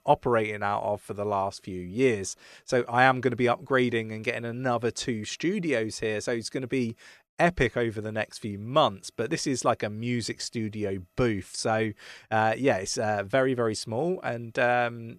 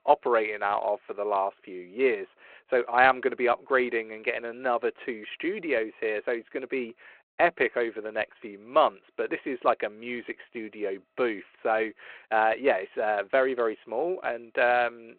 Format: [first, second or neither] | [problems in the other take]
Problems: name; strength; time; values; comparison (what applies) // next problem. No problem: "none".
first | phone-call audio; nothing above 4 kHz